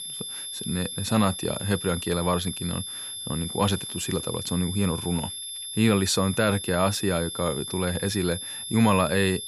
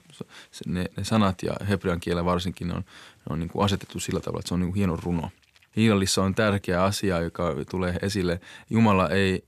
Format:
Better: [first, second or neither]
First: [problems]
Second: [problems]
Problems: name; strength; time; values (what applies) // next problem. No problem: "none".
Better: second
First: high-pitched whine; loud; throughout; 3.5 kHz, 7 dB below the speech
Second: none